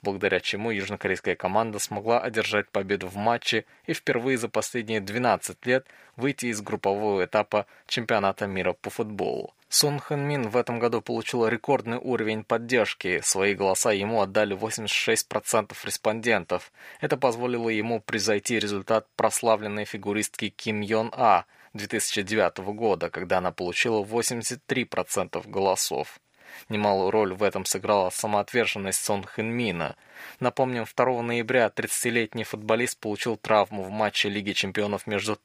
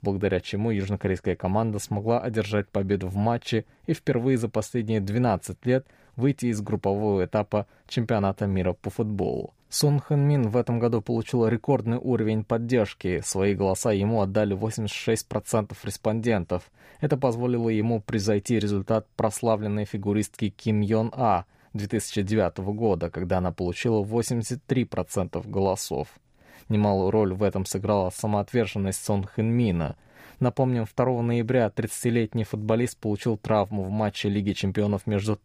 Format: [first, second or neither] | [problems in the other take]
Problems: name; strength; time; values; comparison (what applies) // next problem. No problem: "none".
second | thin; somewhat; fading below 800 Hz